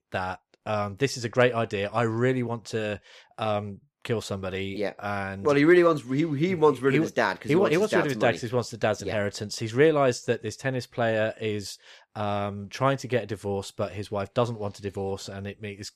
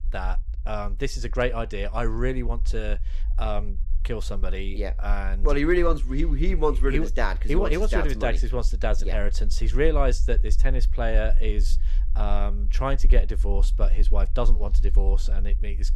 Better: first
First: none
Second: low rumble; faint; throughout; 25 dB below the speech

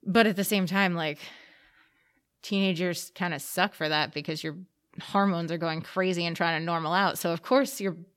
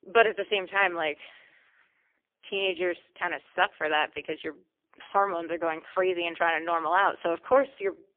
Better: first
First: none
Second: phone-call audio; poor line; nothing above 3 kHz

